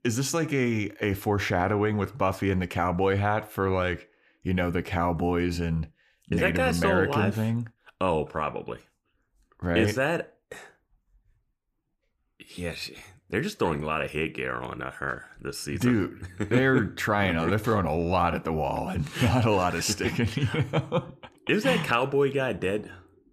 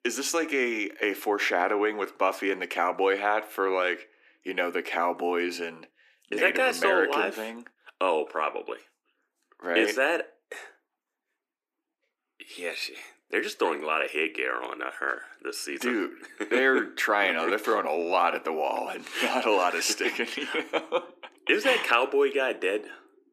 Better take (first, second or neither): first